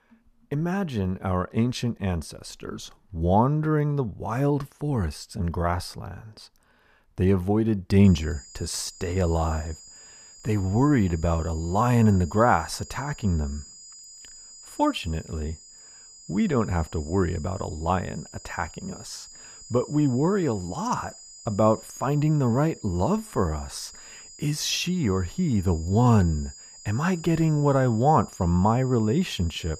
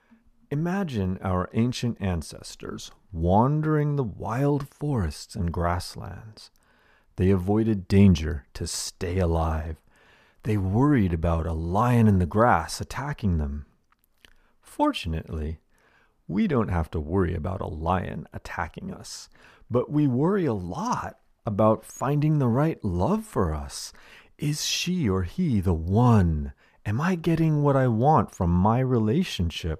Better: second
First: high-pitched whine; noticeable; from 8 s on; 7 kHz, 20 dB below the speech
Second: none

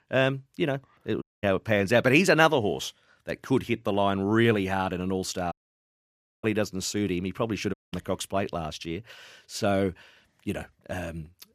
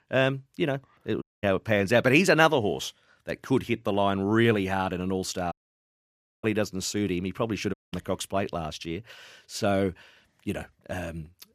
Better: neither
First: audio cutting out; at 1 s, at 5.5 s for 1 s and at 7.5 s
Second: audio cutting out; at 1 s, at 5.5 s for 1 s and at 7.5 s

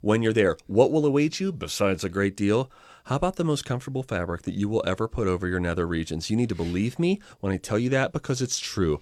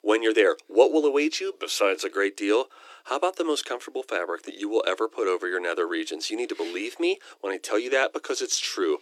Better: first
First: none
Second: thin; very; fading below 300 Hz

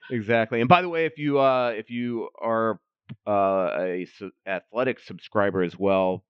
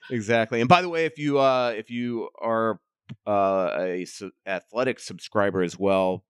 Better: second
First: muffled; slightly; fading above 3.5 kHz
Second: none

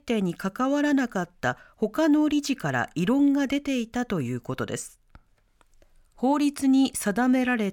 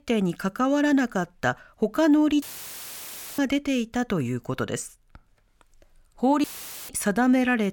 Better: first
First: none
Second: audio cutting out; filled with static; at 2.5 s for 1 s and at 6.5 s

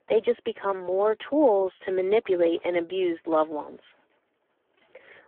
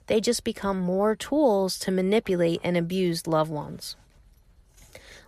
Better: second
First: phone-call audio; poor line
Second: none

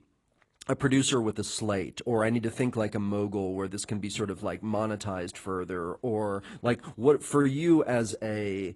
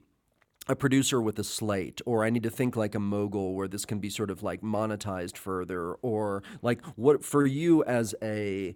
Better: second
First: garbled, watery; slightly; nothing above 10.5 kHz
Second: none

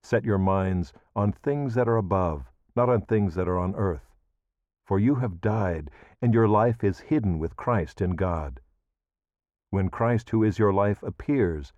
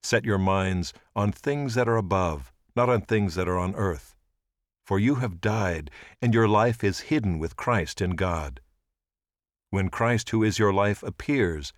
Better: second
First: muffled; very; fading above 2 kHz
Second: none

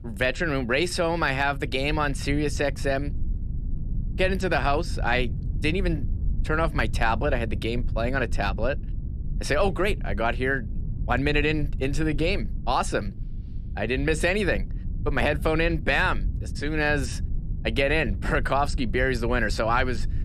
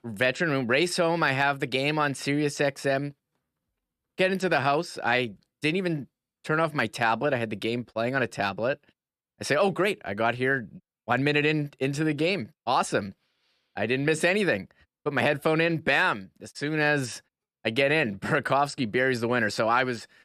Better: second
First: low rumble; faint; throughout; 20 dB below the speech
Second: none

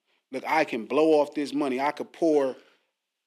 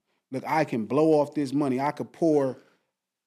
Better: second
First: thin; very slightly; fading below 350 Hz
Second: none

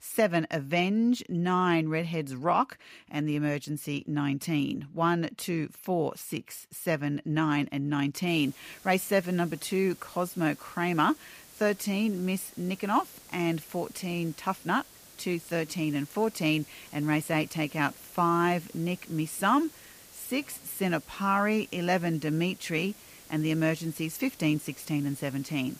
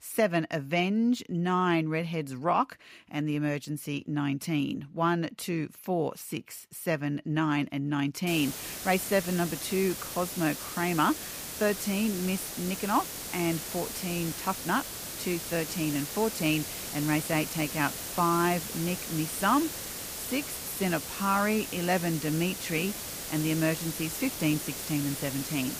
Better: first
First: hiss; faint; from 8.5 s on; 20 dB below the speech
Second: hiss; loud; from 8.5 s on; 6 dB below the speech

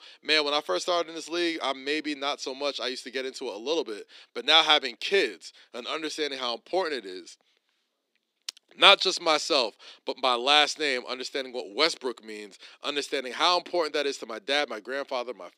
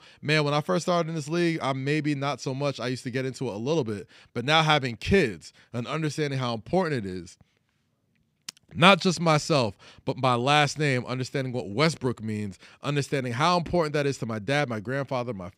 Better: second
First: thin; somewhat; fading below 300 Hz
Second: none

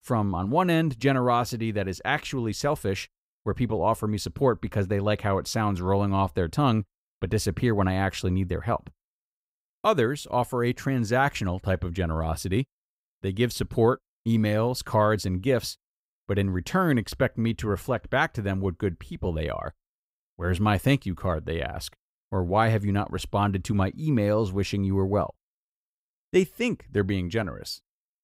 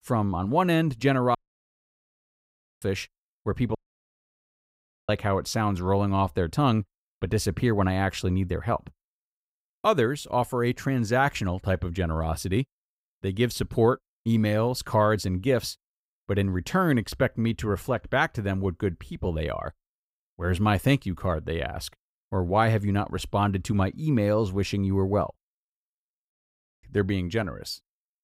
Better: first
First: none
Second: audio cutting out; at 1.5 s for 1.5 s, at 4 s for 1.5 s and at 26 s for 0.5 s

